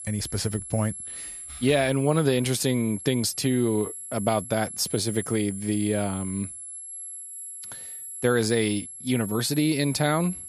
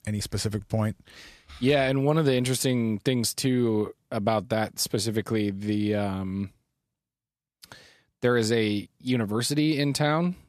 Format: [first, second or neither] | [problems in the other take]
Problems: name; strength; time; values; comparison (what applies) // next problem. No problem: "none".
second | high-pitched whine; loud; throughout; 11 kHz, 10 dB below the speech